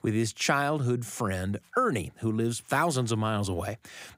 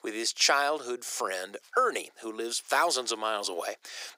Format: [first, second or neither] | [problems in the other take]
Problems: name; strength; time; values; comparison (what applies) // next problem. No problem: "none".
first | thin; very; fading below 400 Hz